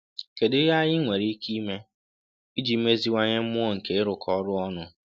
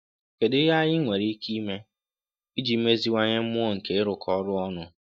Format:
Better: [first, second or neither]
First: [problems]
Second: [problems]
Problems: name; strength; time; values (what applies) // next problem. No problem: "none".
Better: first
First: none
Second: noise reduction (neural mask model DeepFilterNet 3)